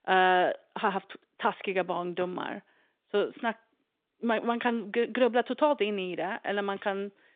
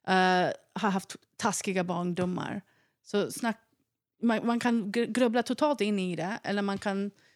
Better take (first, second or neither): second